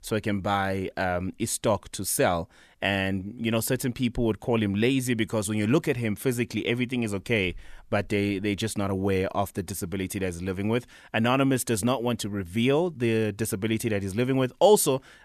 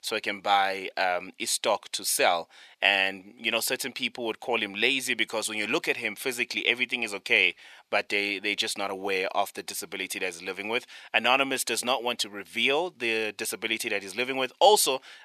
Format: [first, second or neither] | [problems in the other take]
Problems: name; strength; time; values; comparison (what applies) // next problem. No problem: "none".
first | thin; somewhat; fading below 450 Hz